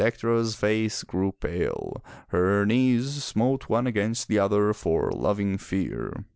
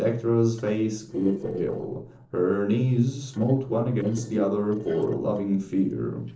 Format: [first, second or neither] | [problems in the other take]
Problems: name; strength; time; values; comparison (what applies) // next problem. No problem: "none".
first | noise reduction (neural separator model SepFormer DNS4)